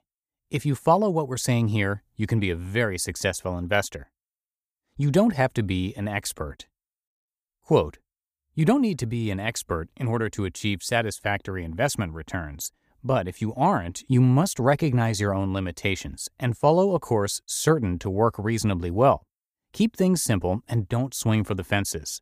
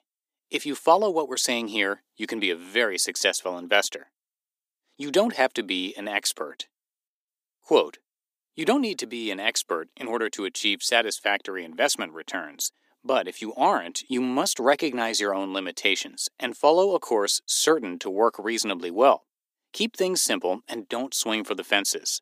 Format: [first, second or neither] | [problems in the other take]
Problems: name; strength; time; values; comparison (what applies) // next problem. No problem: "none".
first | thin; somewhat; fading below 250 Hz